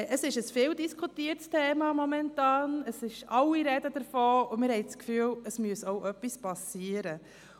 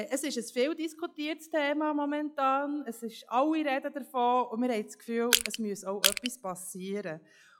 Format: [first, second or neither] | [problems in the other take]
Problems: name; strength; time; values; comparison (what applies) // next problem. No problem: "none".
first | noise reduction (classical method log-MMSE)